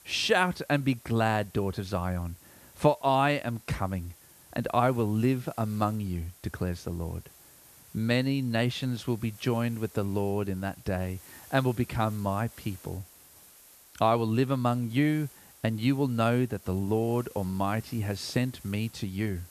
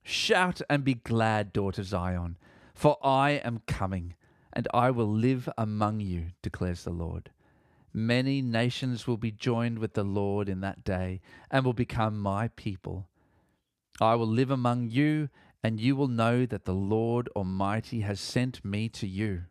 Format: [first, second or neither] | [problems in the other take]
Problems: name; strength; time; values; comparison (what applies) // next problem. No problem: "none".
second | hiss; faint; throughout; 20 dB below the speech